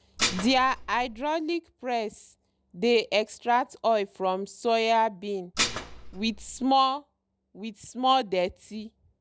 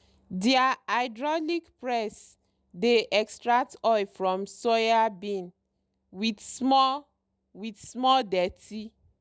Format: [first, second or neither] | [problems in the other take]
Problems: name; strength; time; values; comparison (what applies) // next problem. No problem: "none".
second | background sound (Dishes, pots, and pans); 5 dB below the speech